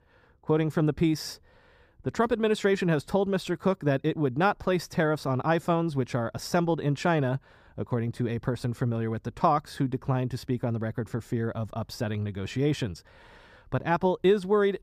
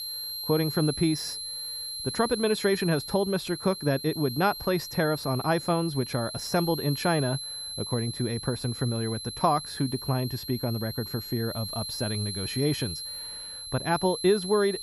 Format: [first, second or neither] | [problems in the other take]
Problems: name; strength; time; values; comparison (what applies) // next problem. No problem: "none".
first | high-pitched whine; loud; throughout; 4 kHz, 6 dB below the speech